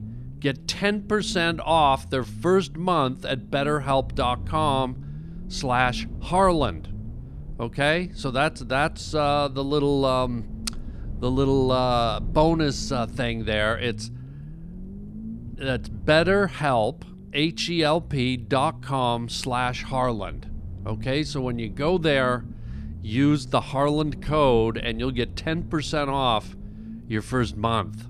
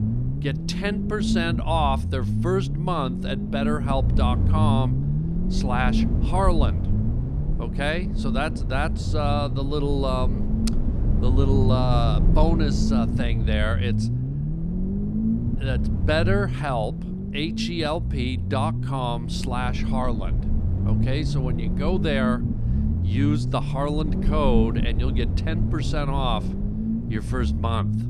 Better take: first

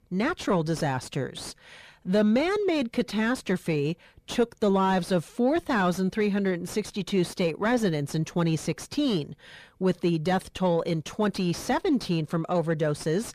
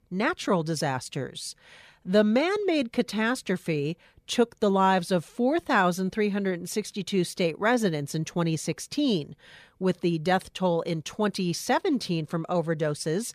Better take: second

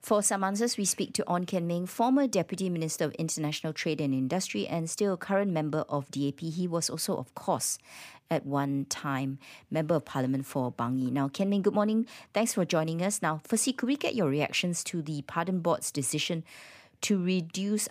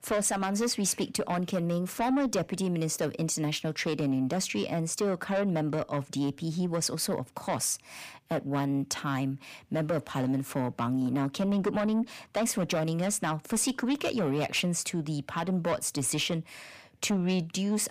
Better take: first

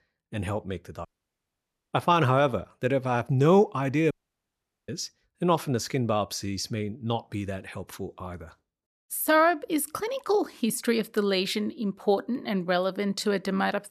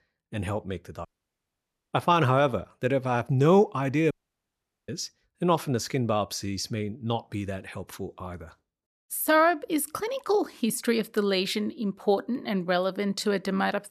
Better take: neither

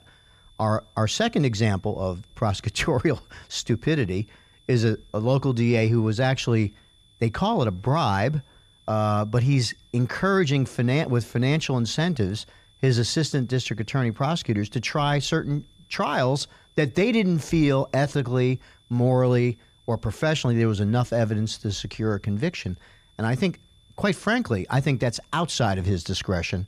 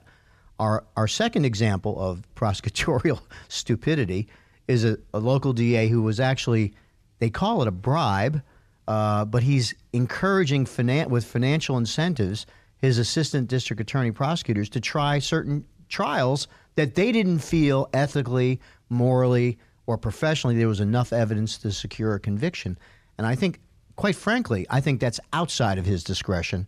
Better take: second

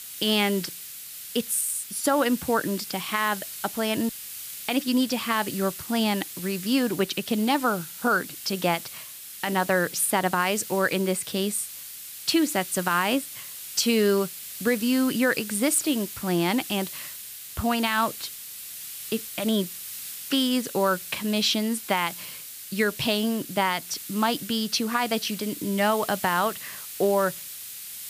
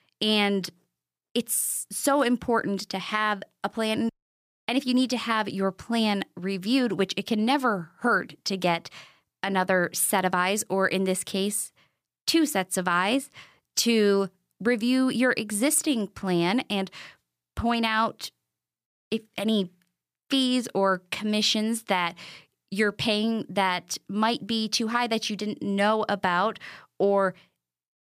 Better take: second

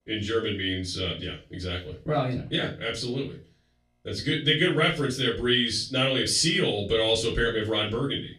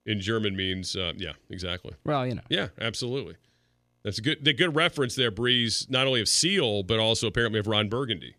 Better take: second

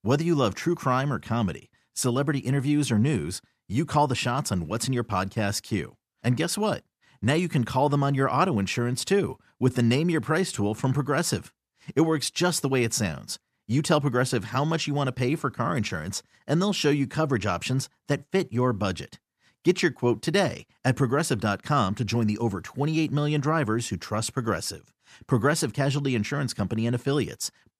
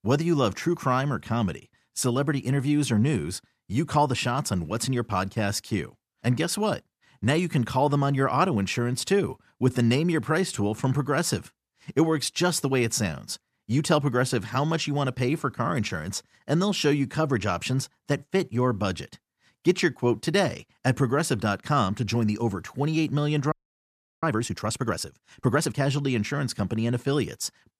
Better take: first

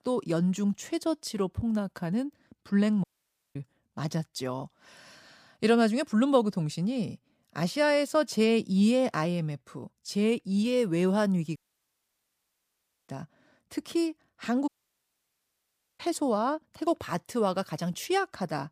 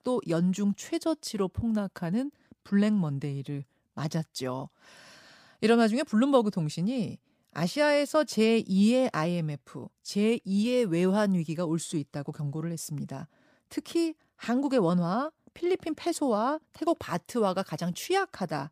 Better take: second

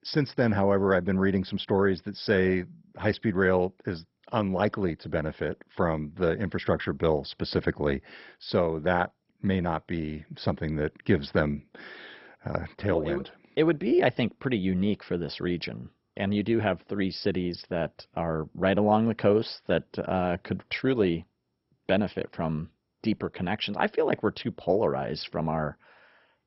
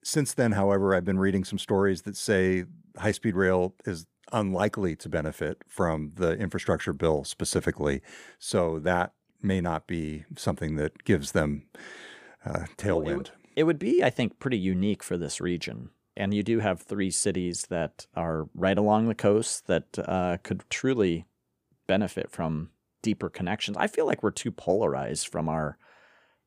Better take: second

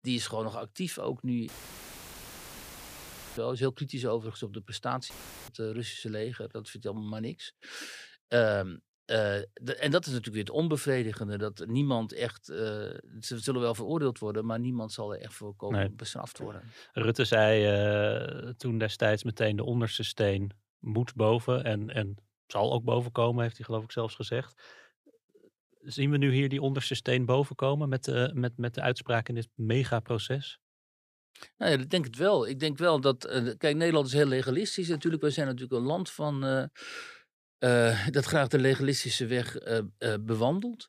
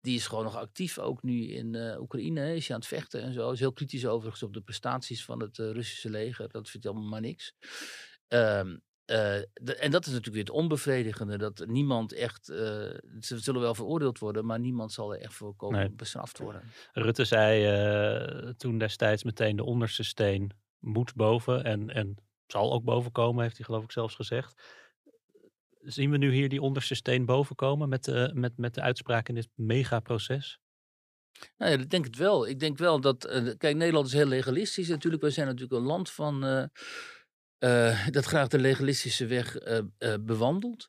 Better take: second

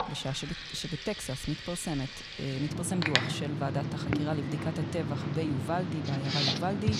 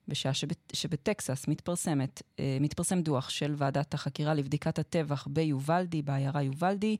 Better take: second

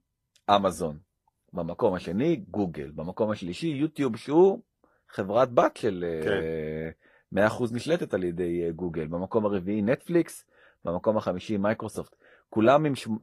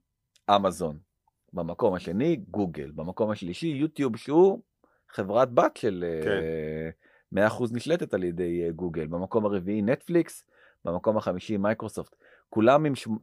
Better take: second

